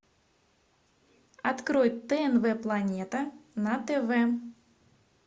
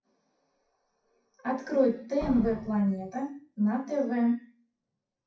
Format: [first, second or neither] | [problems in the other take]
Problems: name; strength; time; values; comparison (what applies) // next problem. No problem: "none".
first | noise reduction (classical method WPE with log-MMSE)